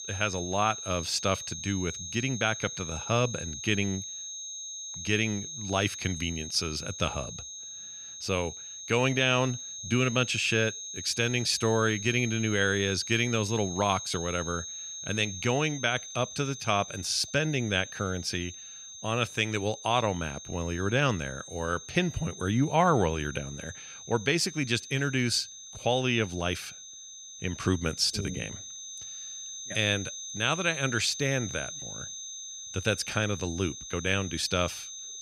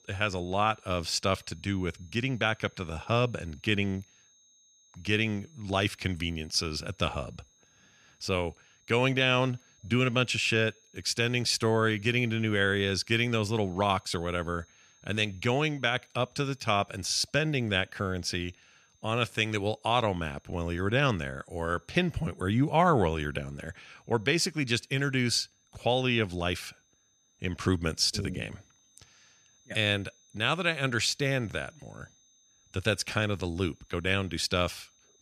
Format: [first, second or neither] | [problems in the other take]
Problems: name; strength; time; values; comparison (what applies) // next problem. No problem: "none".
second | high-pitched whine; loud; throughout; 6.5 kHz, 9 dB below the speech; faint in the second